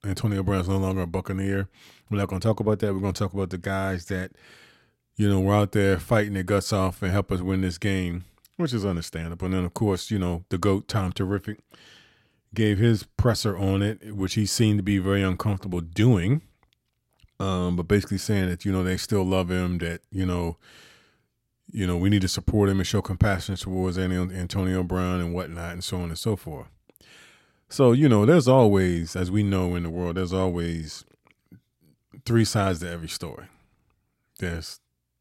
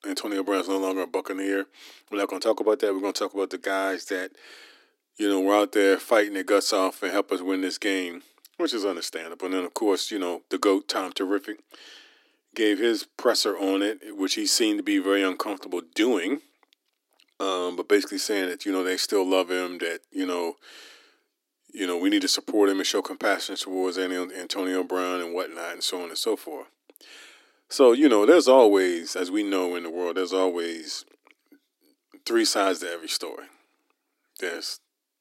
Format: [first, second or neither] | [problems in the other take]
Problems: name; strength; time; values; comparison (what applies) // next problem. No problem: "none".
first | thin; somewhat; fading below 300 Hz